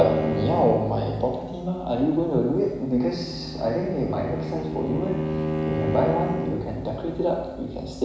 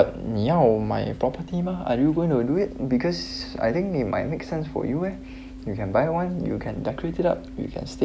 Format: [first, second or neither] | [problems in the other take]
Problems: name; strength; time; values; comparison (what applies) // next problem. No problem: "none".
second | background sound (Bowed string instrument); 6 dB below the speech // room echo; dies away in 1 s